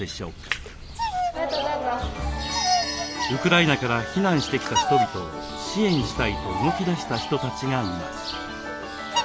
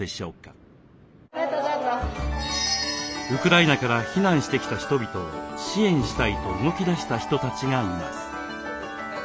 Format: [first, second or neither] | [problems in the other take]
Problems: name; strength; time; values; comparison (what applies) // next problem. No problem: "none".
second | background sound (Bird vocalization, bird call, bird song); 5 dB below the speech